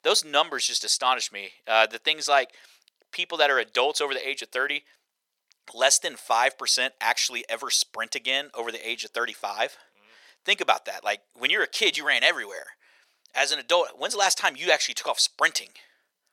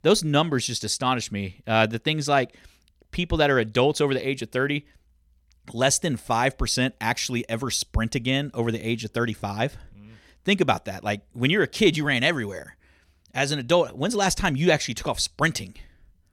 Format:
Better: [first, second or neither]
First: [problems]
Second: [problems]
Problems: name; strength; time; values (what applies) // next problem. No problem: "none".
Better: second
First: thin; very; fading below 550 Hz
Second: none